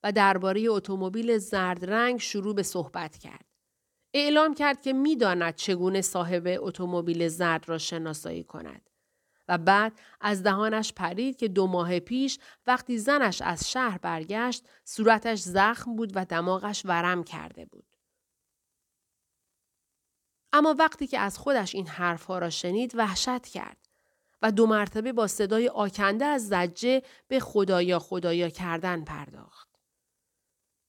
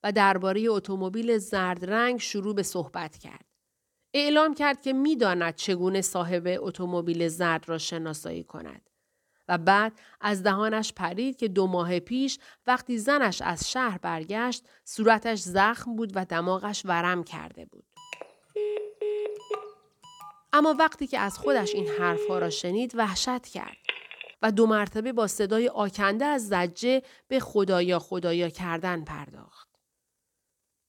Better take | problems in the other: first | phone ringing; noticeable; from 18 to 24 s; peak 3 dB below the speech

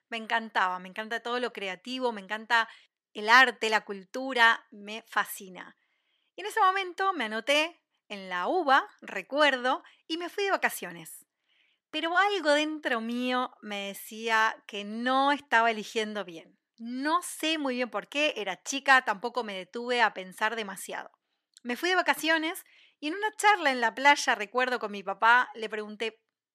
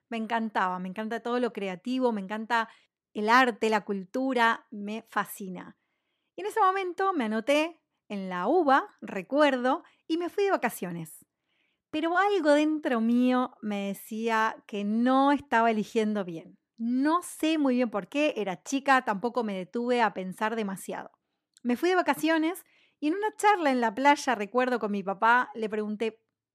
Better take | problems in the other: second | thin; somewhat; fading below 750 Hz

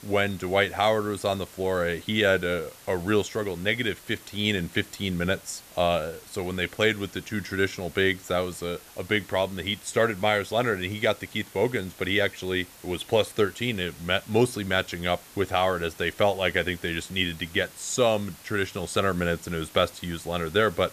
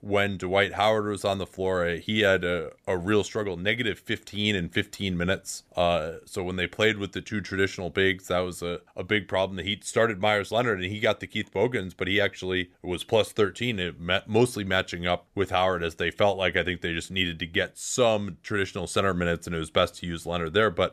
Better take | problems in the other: second | hiss; faint; throughout; 20 dB below the speech

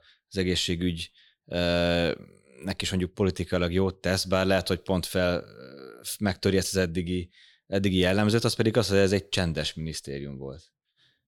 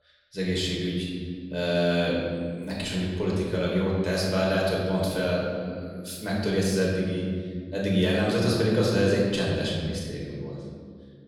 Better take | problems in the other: first | off-mic speech; far // room echo; noticeable; dies away in 1.9 s

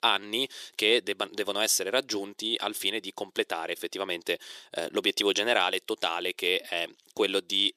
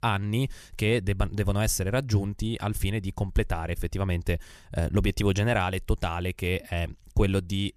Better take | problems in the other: second | thin; very; fading below 350 Hz

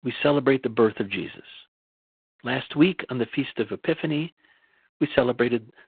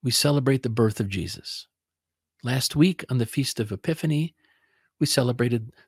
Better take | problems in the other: second | phone-call audio; poor line; nothing above 3.5 kHz

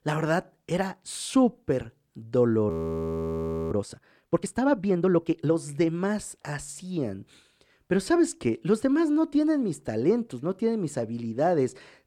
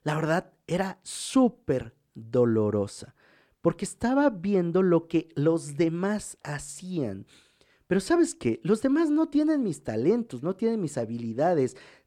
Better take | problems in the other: second | audio freezing; at 2.5 s for 1 s

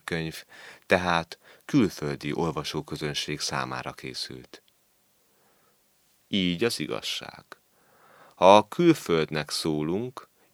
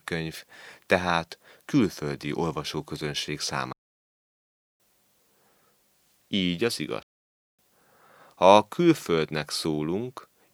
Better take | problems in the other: first | audio cutting out; at 3.5 s for 1 s and at 7 s for 0.5 s

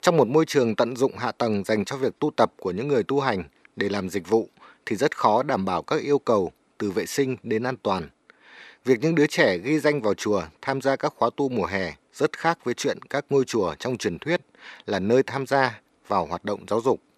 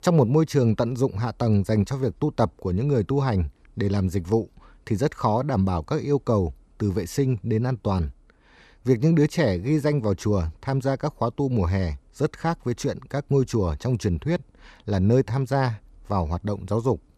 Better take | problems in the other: second | thin; somewhat; fading below 300 Hz

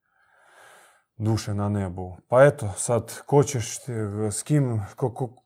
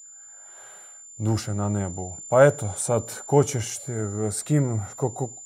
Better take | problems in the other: first | high-pitched whine; noticeable; throughout; 7 kHz, 15 dB below the speech

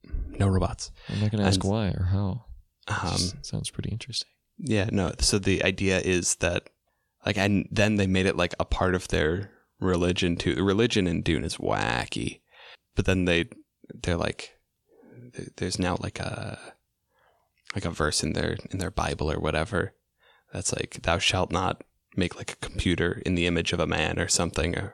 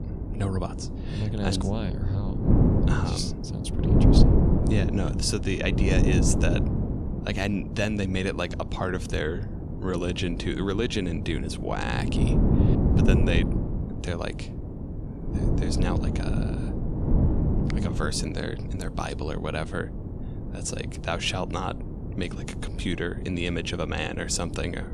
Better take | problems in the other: first | wind noise on the microphone; heavy; 4 dB below the speech

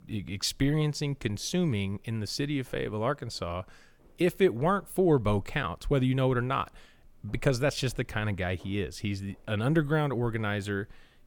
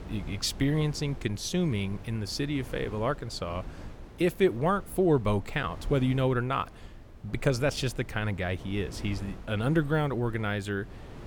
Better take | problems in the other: first | wind noise on the microphone; occasional gusts; 20 dB below the speech

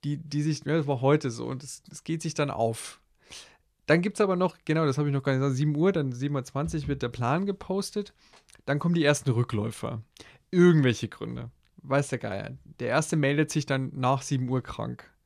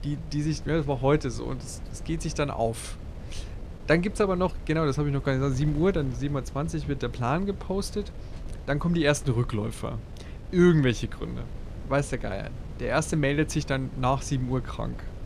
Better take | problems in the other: first | wind noise on the microphone; occasional gusts; 20 dB below the speech

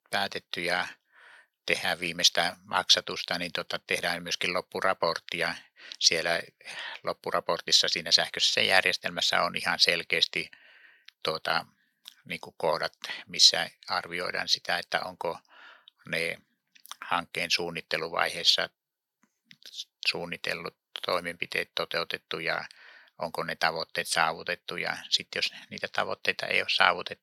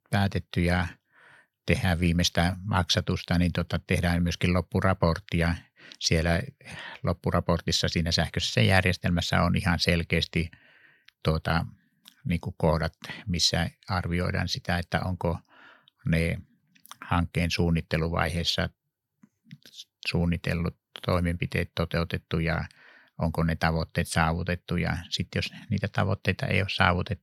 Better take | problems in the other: second | thin; very; fading below 500 Hz

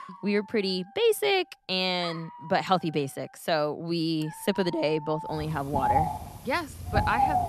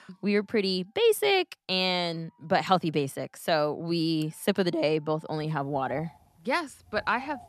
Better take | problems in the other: second | animal sounds; loud; throughout; 3 dB below the speech; faint in the second

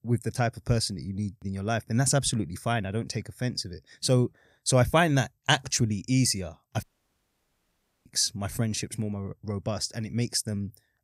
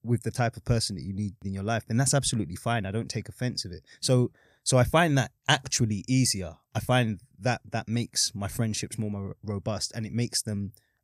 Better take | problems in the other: second | audio cutting out; at 7 s for 1 s

